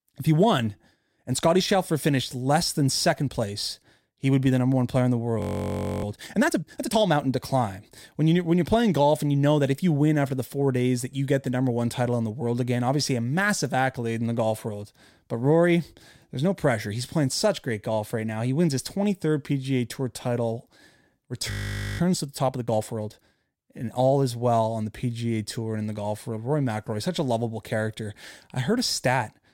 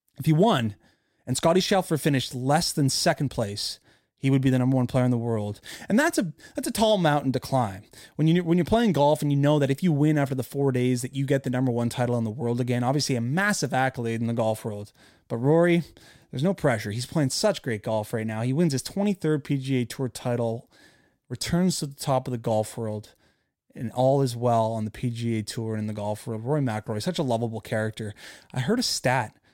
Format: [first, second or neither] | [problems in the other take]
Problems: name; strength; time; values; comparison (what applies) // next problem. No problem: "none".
second | audio freezing; at 5.5 s for 0.5 s and at 22 s